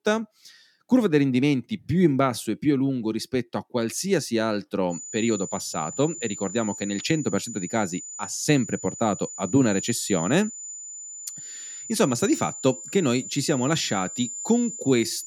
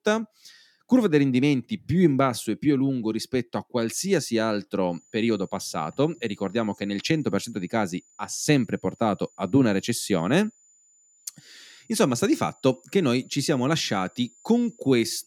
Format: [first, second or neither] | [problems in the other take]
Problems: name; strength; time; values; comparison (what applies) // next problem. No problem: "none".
second | high-pitched whine; loud; from 5 s on; 7 kHz, 9 dB below the speech; faint in the second